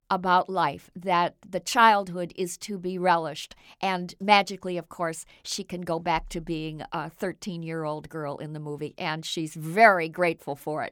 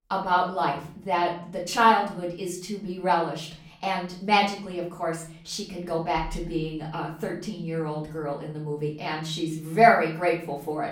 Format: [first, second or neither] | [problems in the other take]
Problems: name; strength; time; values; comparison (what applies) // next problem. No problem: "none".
first | off-mic speech; far // room echo; slight; dies away in 0.6 s